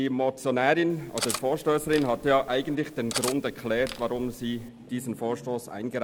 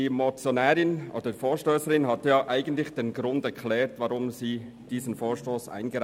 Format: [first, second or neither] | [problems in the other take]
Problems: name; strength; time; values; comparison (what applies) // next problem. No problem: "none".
second | background sound (Cutlery, silverware); 11 dB below the speech